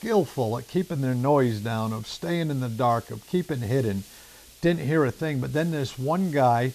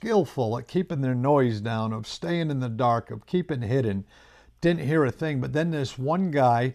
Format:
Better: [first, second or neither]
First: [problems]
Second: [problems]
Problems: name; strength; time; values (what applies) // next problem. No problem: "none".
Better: second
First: hiss; faint; throughout; 20 dB below the speech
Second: none